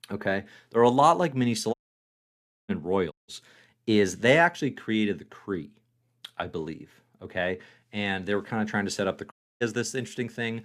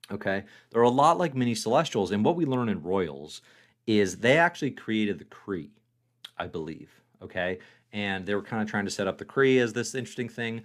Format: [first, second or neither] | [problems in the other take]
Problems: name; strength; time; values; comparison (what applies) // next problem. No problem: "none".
second | audio cutting out; at 1.5 s for 1 s, at 3 s and at 9.5 s